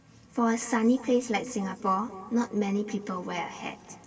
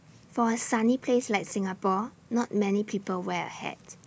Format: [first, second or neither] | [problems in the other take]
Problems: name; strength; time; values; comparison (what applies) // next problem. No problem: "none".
second | room echo; dies away in 2.4 s